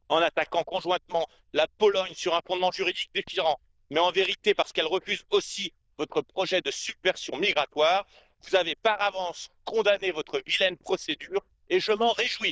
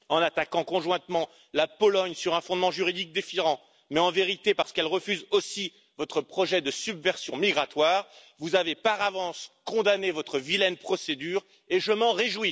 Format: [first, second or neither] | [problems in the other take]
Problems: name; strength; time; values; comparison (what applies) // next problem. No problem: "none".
second | noise reduction (neural diffusion model UNIVERSE++)